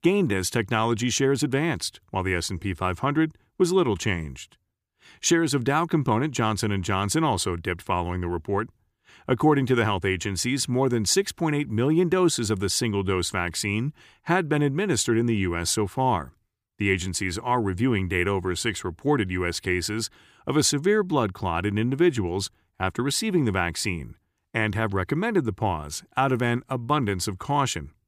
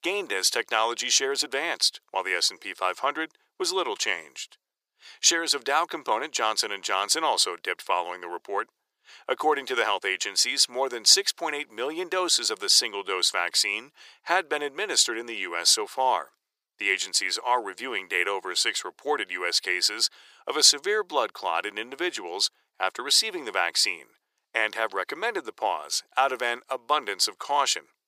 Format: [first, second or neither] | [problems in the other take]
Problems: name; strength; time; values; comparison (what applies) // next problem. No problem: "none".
first | thin; very; fading below 500 Hz